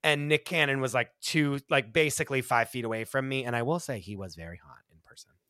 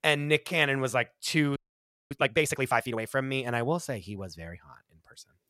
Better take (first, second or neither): first